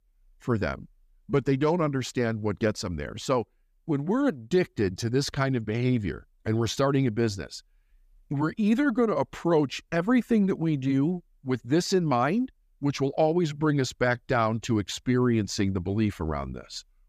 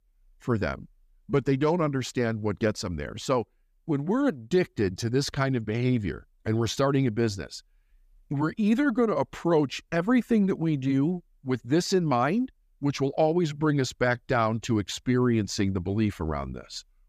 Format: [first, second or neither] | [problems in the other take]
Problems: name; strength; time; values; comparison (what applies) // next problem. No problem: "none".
neither | none